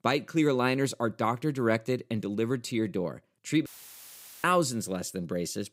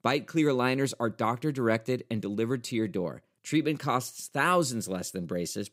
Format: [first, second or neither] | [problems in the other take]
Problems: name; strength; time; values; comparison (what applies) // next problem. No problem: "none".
second | audio cutting out; filled with static; at 3.5 s for 1 s